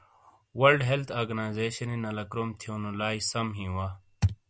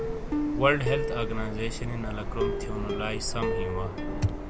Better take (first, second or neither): first